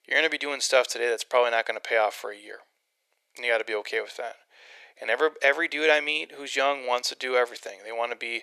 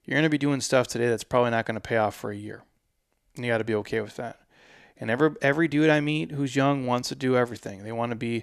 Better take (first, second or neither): second